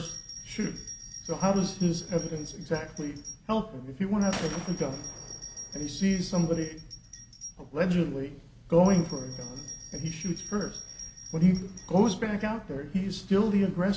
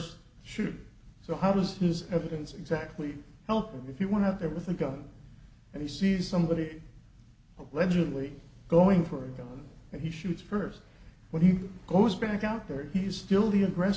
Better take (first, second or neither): second